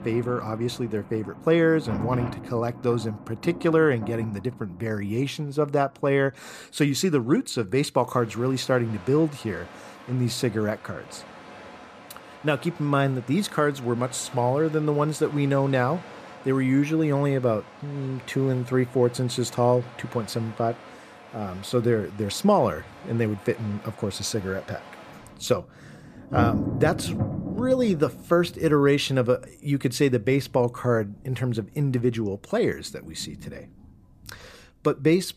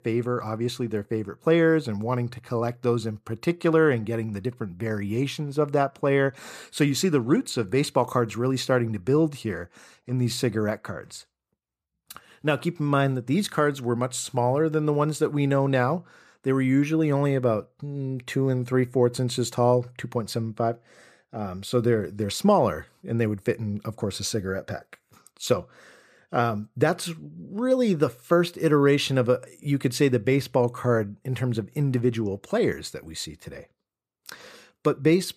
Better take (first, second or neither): second